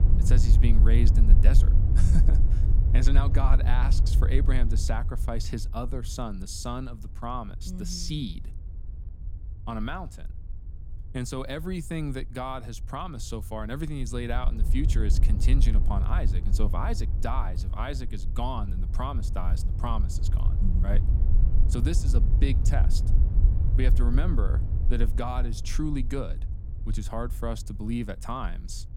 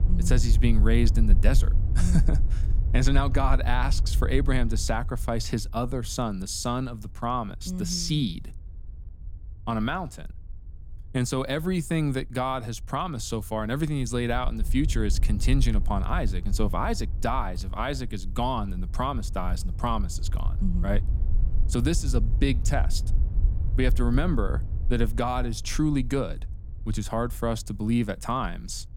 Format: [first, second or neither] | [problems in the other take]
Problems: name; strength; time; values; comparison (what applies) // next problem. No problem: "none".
second | wind noise on the microphone; heavy; 8 dB below the speech; occasional gusts in the second